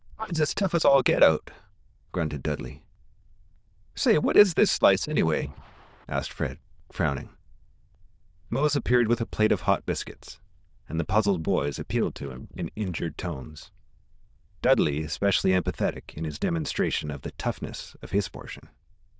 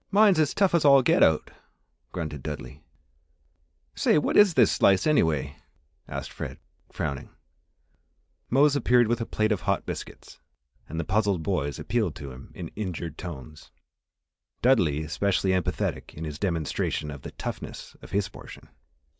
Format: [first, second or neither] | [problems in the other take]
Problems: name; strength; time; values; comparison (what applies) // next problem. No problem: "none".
second | noise reduction (neural diffusion model UNIVERSE++)